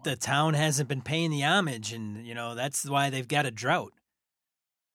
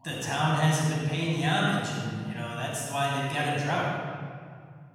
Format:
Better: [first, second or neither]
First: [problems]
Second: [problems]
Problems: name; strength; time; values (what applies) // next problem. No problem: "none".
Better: first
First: none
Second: off-mic speech; far // room echo; strong; dies away in 2.1 s